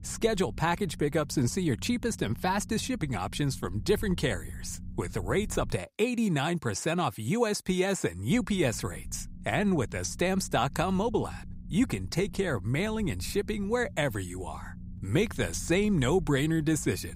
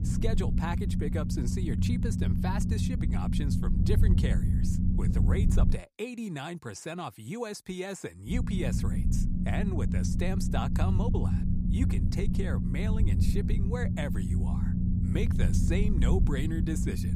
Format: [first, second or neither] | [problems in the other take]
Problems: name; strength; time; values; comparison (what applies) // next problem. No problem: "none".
first | low rumble; loud; until 5.5 s and from 8.5 s on; 2 dB below the speech; faint in the first